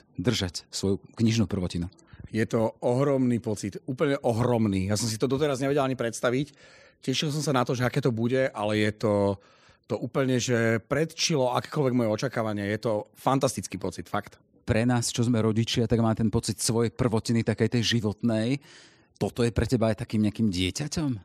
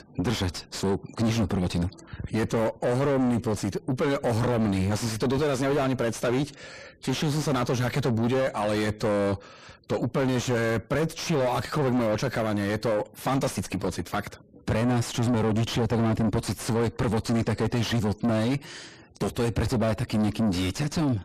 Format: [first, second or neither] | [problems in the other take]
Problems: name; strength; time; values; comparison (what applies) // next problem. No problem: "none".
first | distortion; heavy; 6 dB below the speech